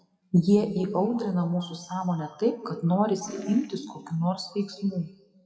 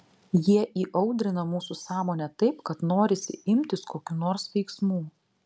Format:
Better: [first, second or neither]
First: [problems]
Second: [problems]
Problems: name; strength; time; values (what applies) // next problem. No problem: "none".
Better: second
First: noise reduction (classical method WPE with log-MMSE)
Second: none